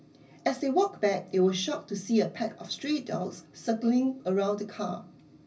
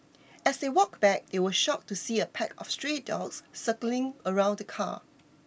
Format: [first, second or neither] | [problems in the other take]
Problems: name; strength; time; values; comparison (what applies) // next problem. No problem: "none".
second | room echo; dies away in 0.4 s